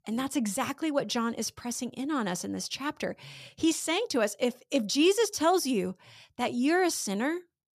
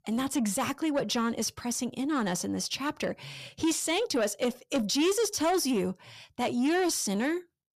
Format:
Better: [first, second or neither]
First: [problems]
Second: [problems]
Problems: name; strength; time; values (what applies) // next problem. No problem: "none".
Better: first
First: none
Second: distortion; slight; 10 dB below the speech